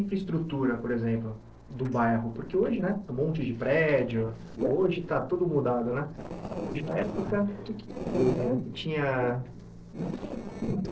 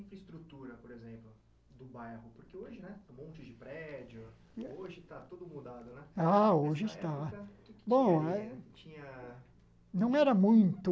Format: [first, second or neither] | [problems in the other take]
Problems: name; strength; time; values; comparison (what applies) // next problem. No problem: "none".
second | noise reduction (neural separator model SepFormer DNS4)